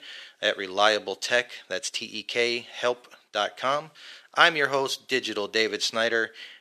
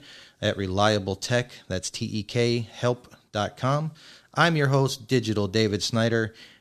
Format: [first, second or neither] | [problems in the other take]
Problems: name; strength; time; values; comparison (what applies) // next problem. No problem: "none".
second | thin; very; fading below 500 Hz